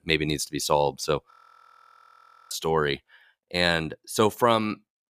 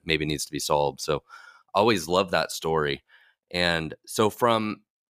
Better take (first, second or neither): second